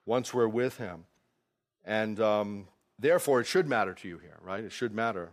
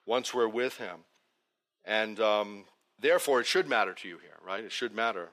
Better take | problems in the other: first | thin; very slightly; fading below 300 Hz

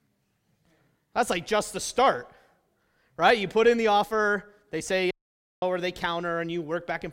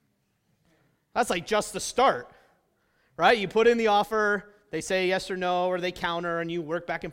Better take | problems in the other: second | audio cutting out; at 5 s for 0.5 s

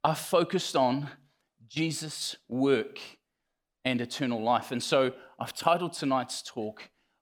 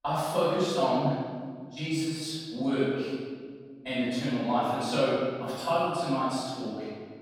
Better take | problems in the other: first | off-mic speech; far // room echo; strong; dies away in 1.7 s

